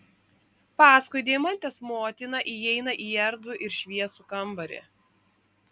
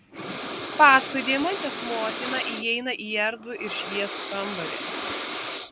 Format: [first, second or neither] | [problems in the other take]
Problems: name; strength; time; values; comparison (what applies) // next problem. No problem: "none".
first | background sound (Breathing); 7 dB below the speech